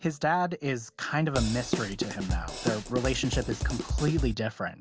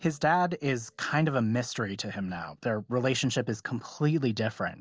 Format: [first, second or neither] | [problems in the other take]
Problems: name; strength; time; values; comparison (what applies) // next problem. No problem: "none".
second | background sound (Drum kit); 2 dB below the speech